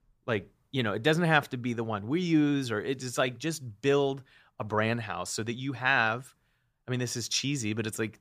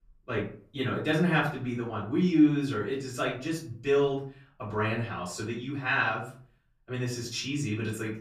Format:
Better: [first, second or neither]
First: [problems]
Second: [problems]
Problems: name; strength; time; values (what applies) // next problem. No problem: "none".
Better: first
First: none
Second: room echo; slight; dies away in 0.4 s // off-mic speech; far